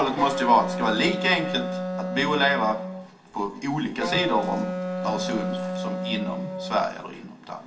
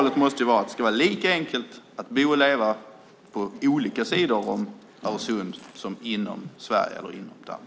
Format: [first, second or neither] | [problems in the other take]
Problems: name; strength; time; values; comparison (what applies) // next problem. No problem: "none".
second | background sound (Wind instrument, woodwind instrument); 4 dB below the speech // room echo; dies away in 0.3 s